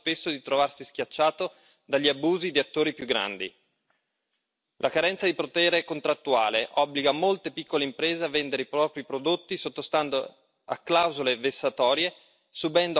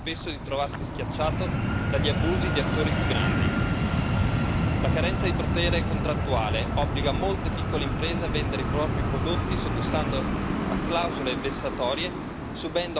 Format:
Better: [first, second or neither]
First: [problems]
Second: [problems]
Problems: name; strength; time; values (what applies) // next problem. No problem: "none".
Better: first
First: none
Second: background sound (Fixed-wing aircraft, airplane); 5 dB above the speech